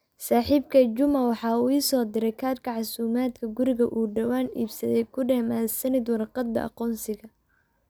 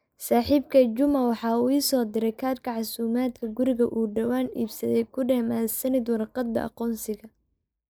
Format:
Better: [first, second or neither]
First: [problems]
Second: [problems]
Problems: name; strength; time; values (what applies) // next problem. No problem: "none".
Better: first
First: none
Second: noise reduction (neural mask model Resemble Enhance denoiser)